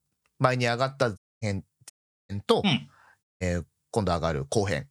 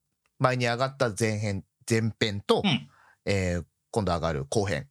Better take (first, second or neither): second